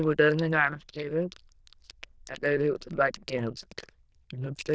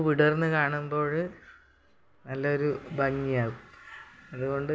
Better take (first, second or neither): second